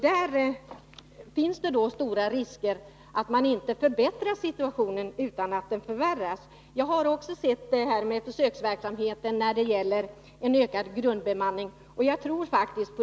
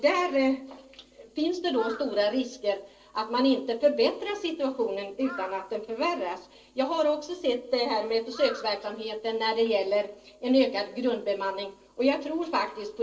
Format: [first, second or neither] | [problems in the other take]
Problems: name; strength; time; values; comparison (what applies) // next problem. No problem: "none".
first | noise reduction (neural separator model SepFormer DNS4)